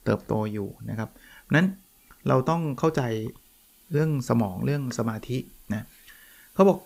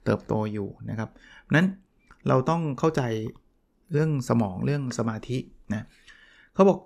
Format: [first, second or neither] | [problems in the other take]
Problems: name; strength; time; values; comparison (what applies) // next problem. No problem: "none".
second | hiss; faint; throughout; 25 dB below the speech